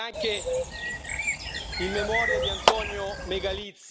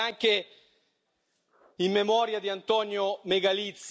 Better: second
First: background sound (Clapping + Bird); 4 dB above the speech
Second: none

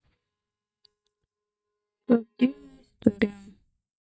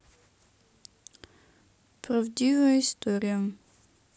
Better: second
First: noise reduction (neural mask model DeepFilterNet 3)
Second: none

